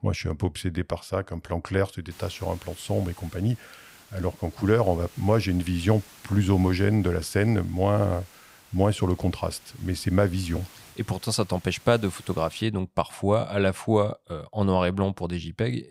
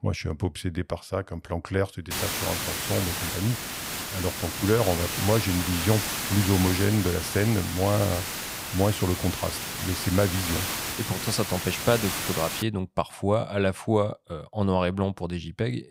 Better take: first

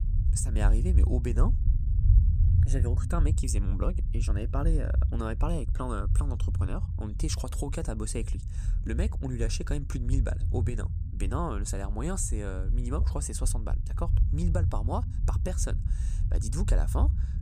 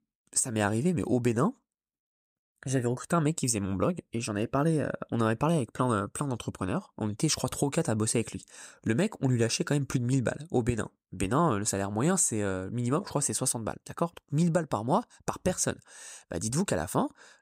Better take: second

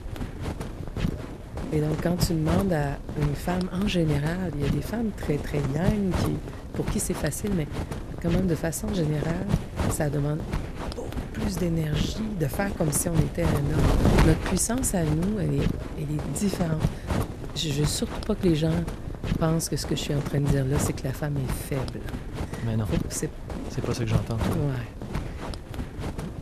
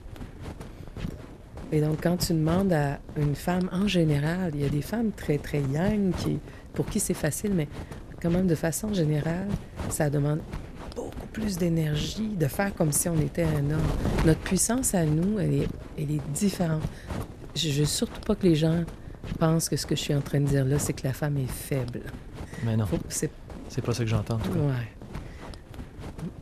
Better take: second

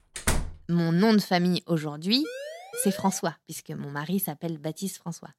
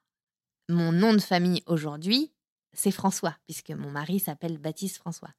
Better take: second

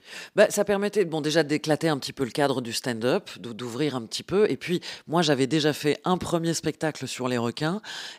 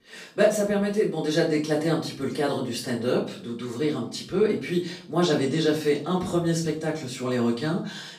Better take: first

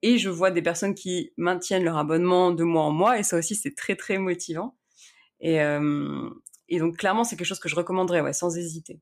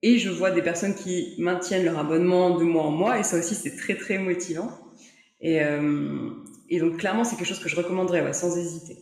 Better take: first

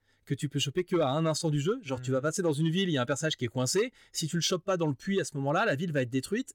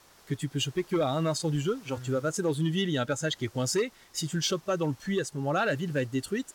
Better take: first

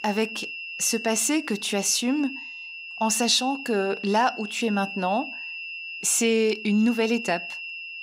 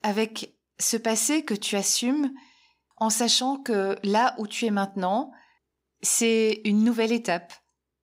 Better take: second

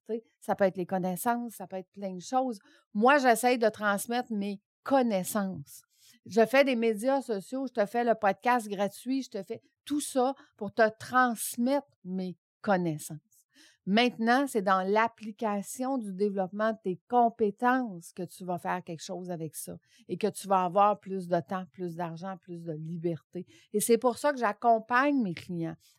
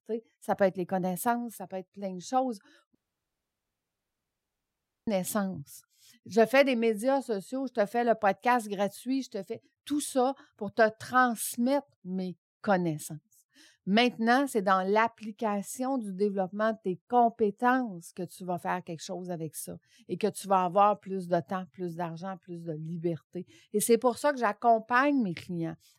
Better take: first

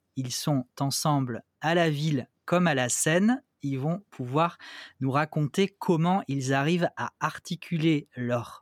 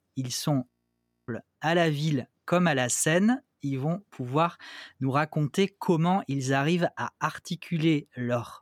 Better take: first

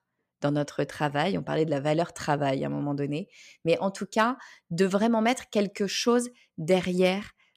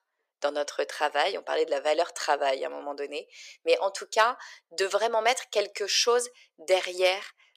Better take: first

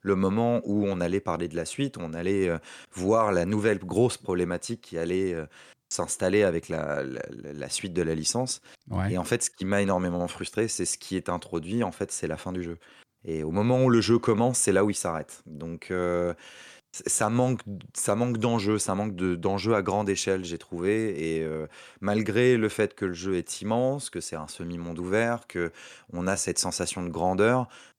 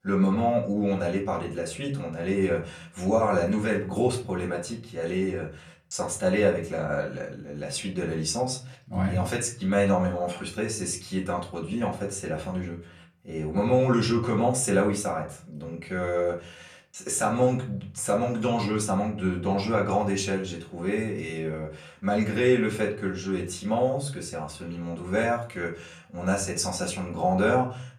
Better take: first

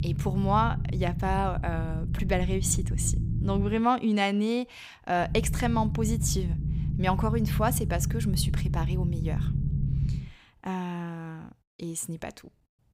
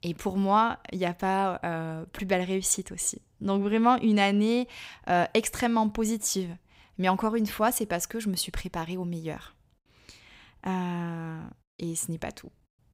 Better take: second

